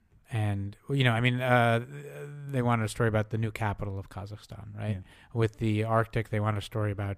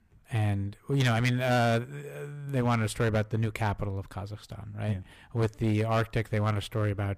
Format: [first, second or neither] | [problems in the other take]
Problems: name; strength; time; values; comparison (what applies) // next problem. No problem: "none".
first | distortion; slight; 6% of the sound clipped